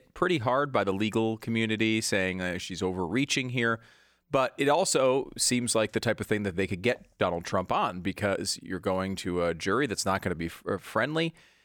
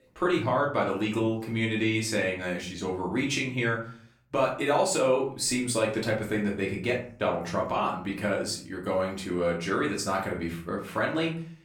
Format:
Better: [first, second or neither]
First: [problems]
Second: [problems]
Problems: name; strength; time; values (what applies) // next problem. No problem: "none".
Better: first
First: none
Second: off-mic speech; far // room echo; slight; dies away in 0.4 s